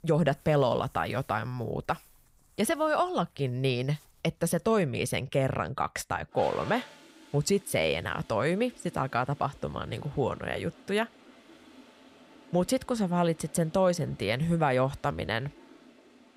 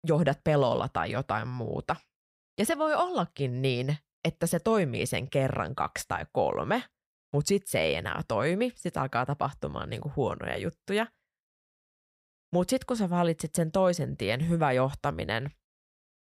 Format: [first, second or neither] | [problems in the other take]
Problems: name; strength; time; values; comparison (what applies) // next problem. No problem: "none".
second | household noises; faint; throughout; 25 dB below the speech